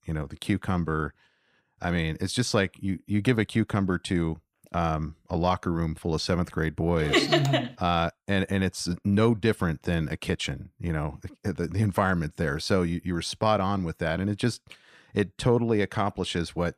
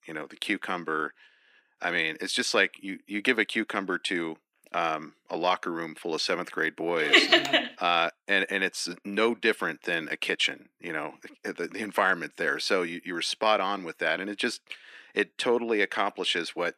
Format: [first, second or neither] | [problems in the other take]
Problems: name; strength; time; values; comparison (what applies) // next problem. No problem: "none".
first | thin; somewhat; fading below 250 Hz